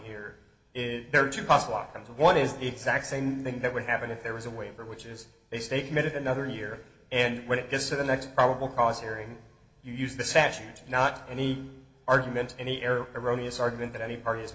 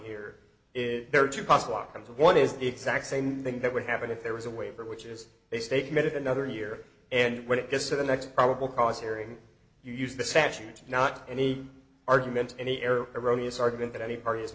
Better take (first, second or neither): second